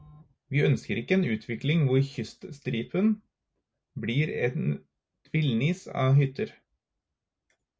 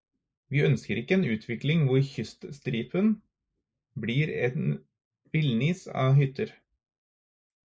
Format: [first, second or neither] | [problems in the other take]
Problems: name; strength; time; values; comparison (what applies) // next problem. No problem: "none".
first | noise reduction (neural mask model Resemble Enhance denoiser)